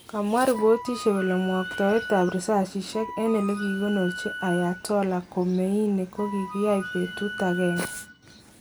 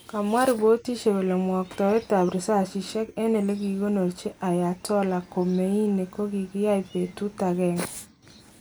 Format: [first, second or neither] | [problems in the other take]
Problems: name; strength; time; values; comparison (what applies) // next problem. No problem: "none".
second | background sound (Wind instrument, woodwind instrument); 11 dB below the speech